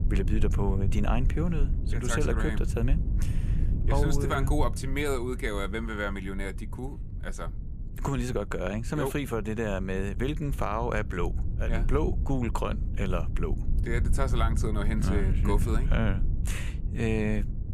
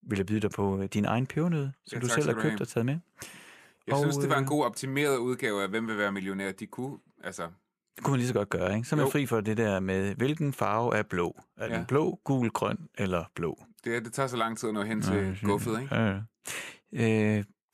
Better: second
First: low rumble; noticeable; throughout; 15 dB below the speech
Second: none

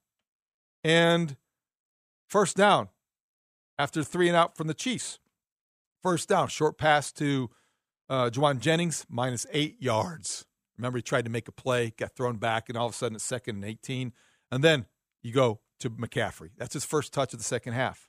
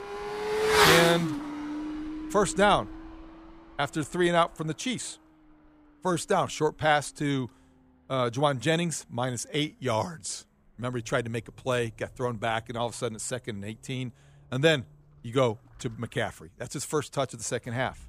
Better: first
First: none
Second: traffic noise; very loud; throughout; 2 dB above the speech

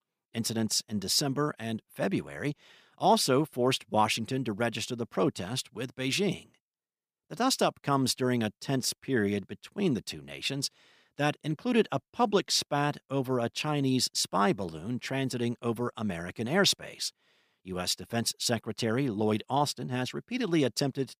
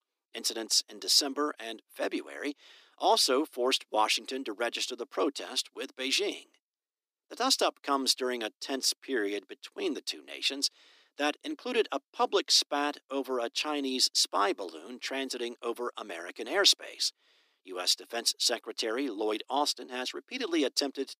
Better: first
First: none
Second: thin; very slightly; fading below 300 Hz

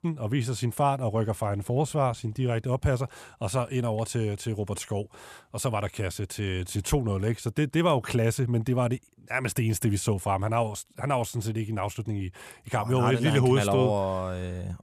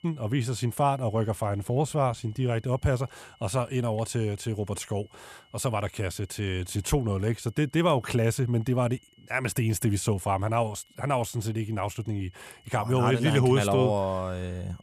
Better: first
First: none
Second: high-pitched whine; faint; throughout; 3 kHz, 30 dB below the speech

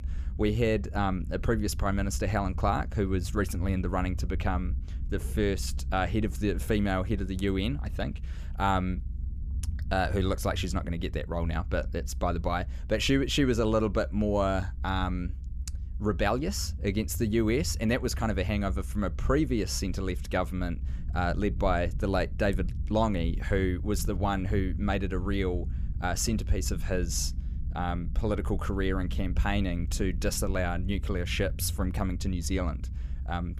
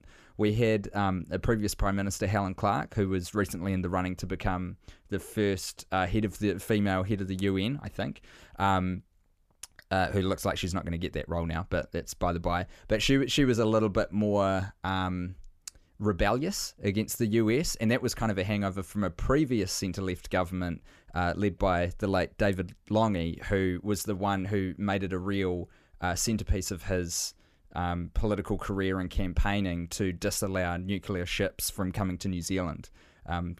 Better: second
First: low rumble; faint; throughout; 20 dB below the speech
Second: none

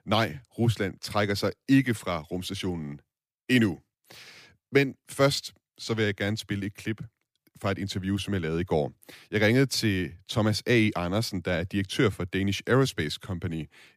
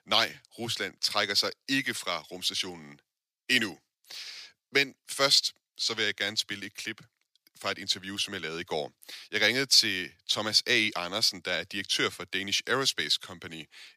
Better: first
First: none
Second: thin; somewhat; fading below 1 kHz

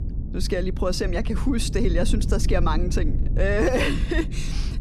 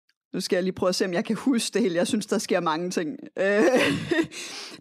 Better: second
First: low rumble; noticeable; throughout; 15 dB below the speech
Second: none

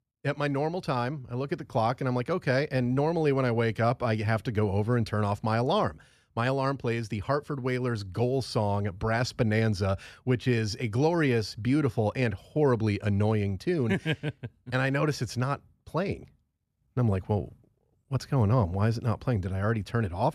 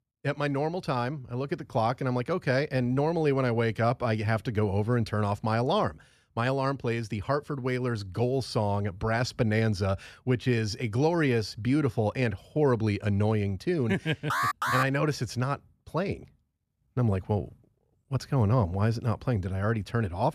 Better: first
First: none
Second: alarm; loud; at 14 s; peak 1 dB above the speech

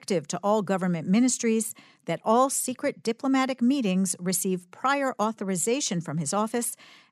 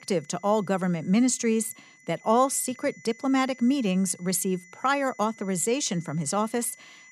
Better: first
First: none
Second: high-pitched whine; faint; throughout; 2 kHz, 25 dB below the speech

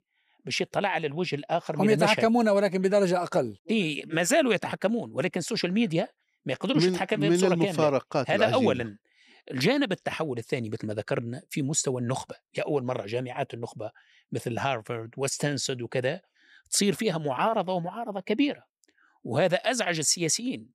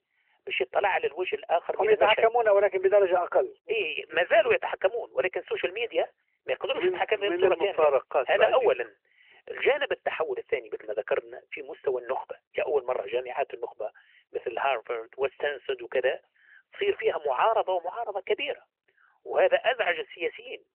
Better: first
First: none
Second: phone-call audio; nothing above 3 kHz

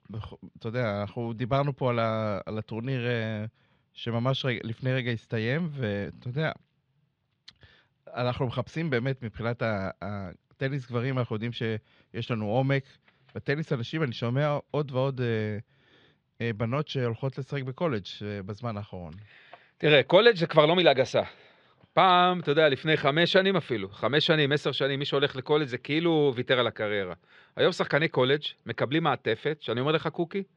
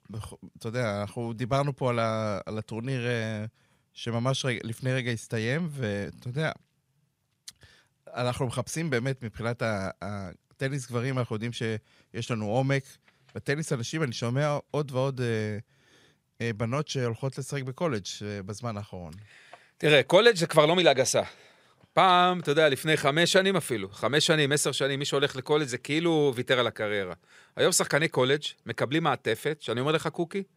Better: second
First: muffled; slightly; fading above 3.5 kHz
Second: none

